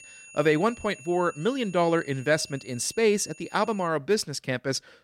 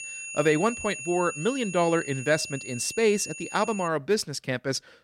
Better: first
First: high-pitched whine; faint; until 4 s; 2.5 kHz, 20 dB below the speech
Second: high-pitched whine; loud; until 4 s; 2.5 kHz, 10 dB below the speech

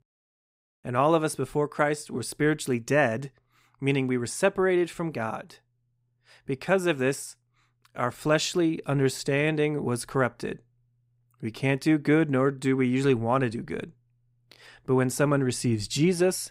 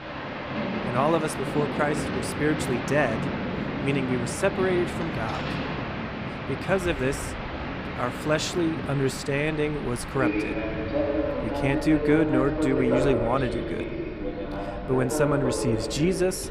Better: first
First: none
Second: train or aircraft noise; loud; throughout; 3 dB below the speech

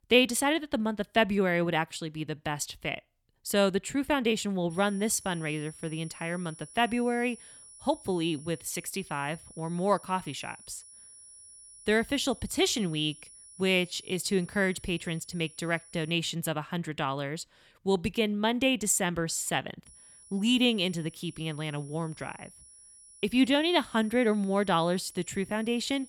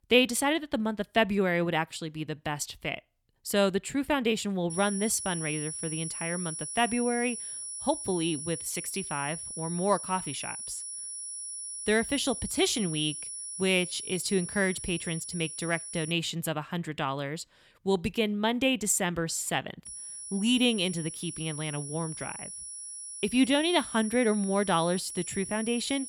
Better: first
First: high-pitched whine; faint; from 4.5 to 16 s and from 20 s on; 10 kHz, 20 dB below the speech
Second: high-pitched whine; loud; from 4.5 to 16 s and from 20 s on; 10 kHz, 7 dB below the speech

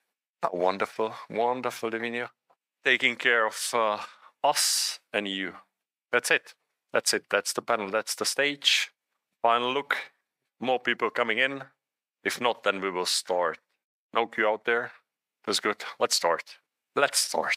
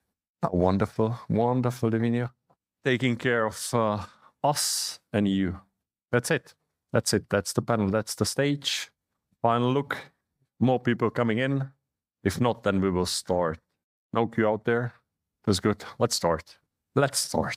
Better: second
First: thin; somewhat; fading below 500 Hz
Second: none

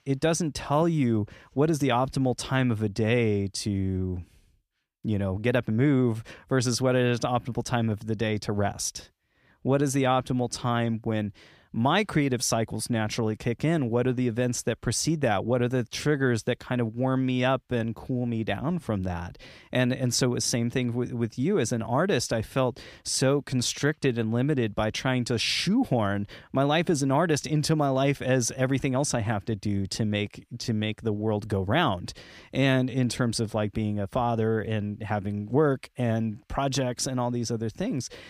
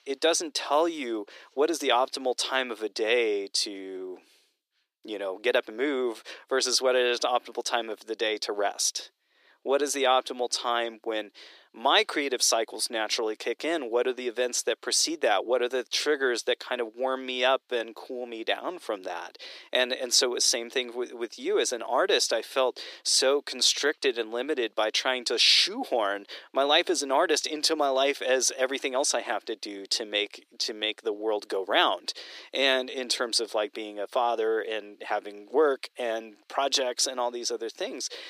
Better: first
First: none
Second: thin; very; fading below 350 Hz

